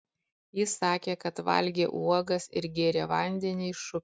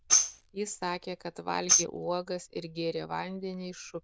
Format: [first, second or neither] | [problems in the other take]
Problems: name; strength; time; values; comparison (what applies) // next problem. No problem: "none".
first | noise reduction (neural diffusion model UNIVERSE++)